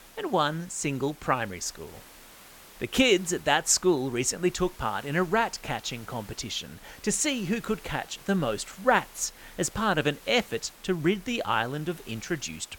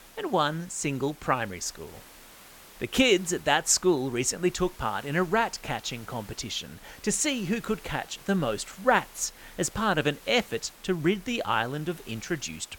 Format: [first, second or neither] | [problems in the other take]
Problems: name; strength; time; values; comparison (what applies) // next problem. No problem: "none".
neither | hiss; faint; throughout; 20 dB below the speech; the same in both